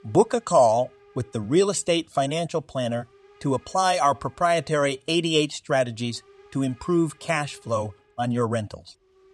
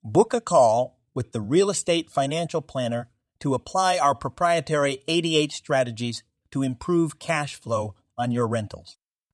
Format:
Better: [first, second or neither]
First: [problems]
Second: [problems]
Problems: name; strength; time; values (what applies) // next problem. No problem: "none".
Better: second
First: hiss; faint; throughout; 30 dB below the speech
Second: none